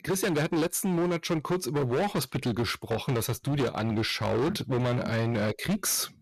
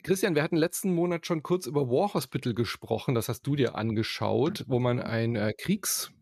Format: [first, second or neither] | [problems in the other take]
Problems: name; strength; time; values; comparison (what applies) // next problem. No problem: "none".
second | distortion; heavy; 21% of the sound clipped